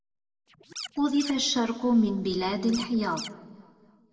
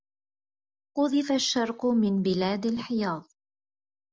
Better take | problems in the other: second | background sound (Scratching (performance technique)); 13 dB below the speech // room echo; dies away in 1.2 s

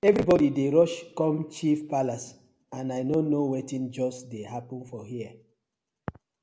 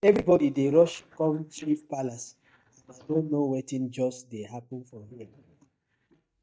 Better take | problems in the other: first | noise reduction (neural mask model DeepFilterNet 3)

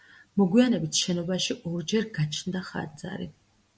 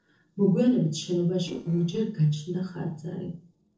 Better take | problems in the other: first | noise reduction (neural separator model SepFormer DNS4)

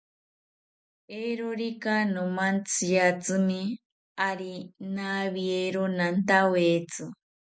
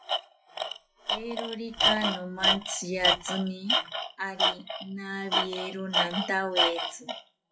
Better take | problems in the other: first | noise reduction (classical method WPE with log-MMSE)

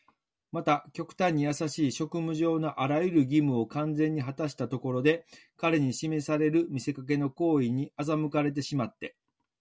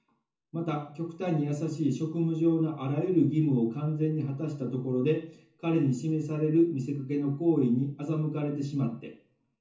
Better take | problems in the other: first | room echo; dies away in 0.6 s

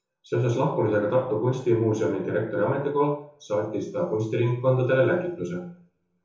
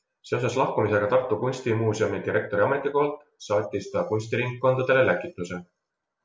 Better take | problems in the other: second | room echo; dies away in 0.6 s

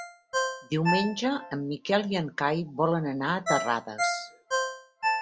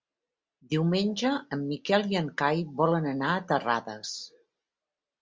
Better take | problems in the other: second | background sound (Ringtone); 3 dB below the speech

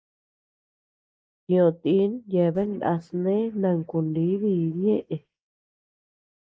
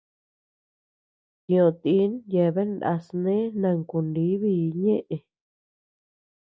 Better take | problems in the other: second | noise reduction (neural mask model Resemble Enhance denoiser)

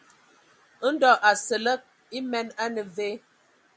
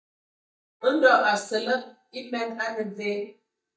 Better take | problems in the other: first | noise reduction (neural mask model DeepFilterNet 3)

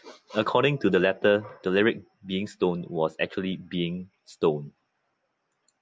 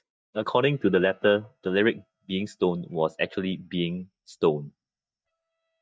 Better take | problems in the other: first | noise reduction (neural mask model DeepFilterNet 3)

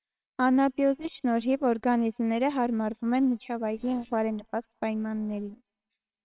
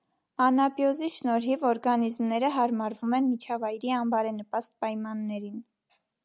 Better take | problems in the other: second | noise reduction (neural separator model SepFormer WHAMR!)

